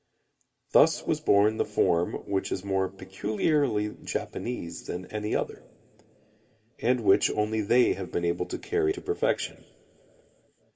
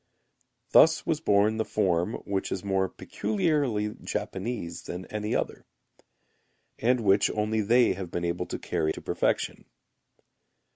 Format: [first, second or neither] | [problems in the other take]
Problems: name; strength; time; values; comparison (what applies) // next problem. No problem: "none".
second | room echo; dies away in 2.1 s